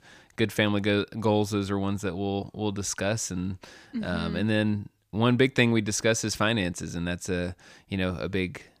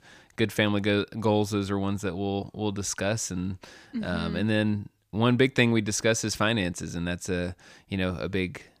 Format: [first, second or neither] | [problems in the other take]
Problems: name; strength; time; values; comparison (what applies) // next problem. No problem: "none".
neither | none